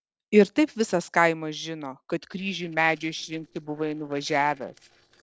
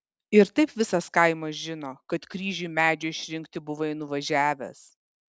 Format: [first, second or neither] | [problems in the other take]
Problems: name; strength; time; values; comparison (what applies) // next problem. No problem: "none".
second | noise reduction (neural separator model SepFormer DNS4)